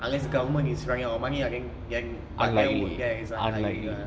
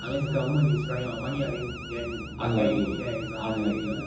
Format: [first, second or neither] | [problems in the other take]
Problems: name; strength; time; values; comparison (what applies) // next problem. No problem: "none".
first | background sound (Alarm); 14 dB below the speech // room echo; dies away in 0.5 s